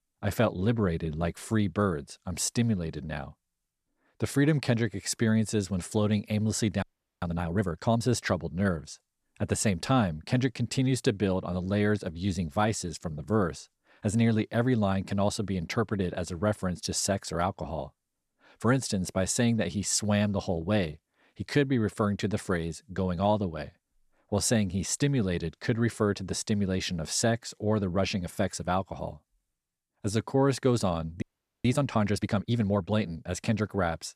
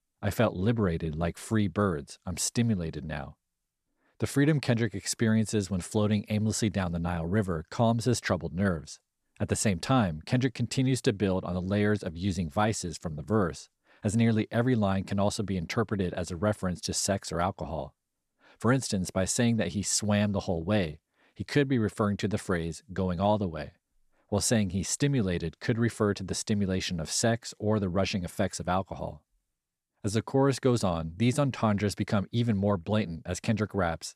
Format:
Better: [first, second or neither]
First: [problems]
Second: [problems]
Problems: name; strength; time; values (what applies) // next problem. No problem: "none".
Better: second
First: audio freezing; at 7 s and at 31 s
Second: none